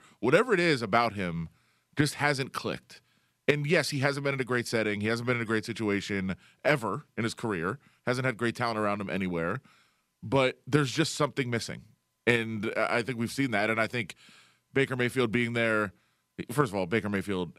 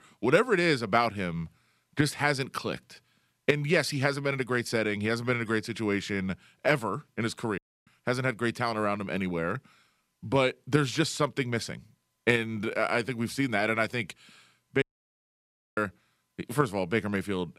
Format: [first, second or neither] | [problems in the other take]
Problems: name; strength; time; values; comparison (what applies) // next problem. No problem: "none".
first | audio cutting out; at 7.5 s and at 15 s for 1 s